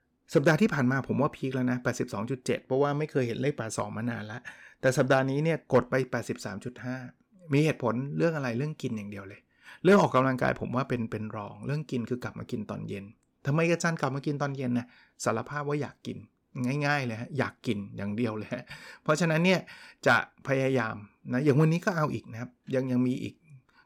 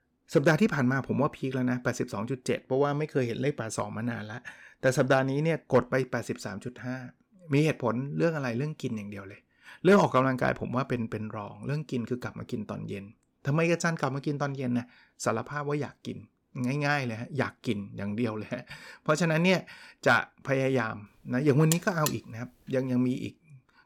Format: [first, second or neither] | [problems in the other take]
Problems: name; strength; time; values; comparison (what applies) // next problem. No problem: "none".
first | alarm; noticeable; at 22 s; peak 3 dB below the speech